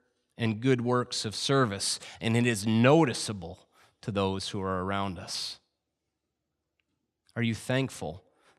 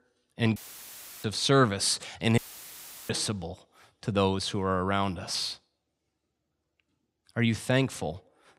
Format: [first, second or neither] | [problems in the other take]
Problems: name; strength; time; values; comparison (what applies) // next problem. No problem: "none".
first | audio cutting out; filled with static; at 0.5 s for 0.5 s and at 2.5 s for 0.5 s